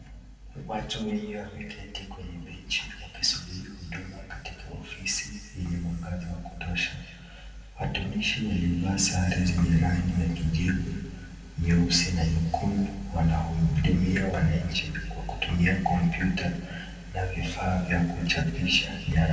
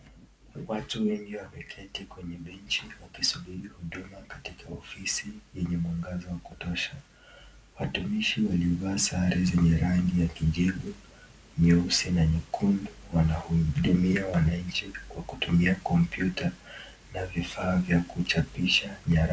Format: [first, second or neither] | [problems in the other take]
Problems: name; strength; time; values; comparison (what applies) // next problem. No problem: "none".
second | room echo; dies away in 2 s